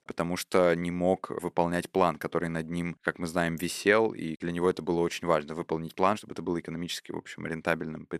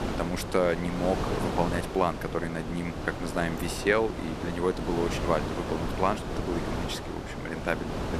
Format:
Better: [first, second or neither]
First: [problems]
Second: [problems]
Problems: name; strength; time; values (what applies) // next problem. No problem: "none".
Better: first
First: none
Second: wind noise on the microphone; heavy; 5 dB below the speech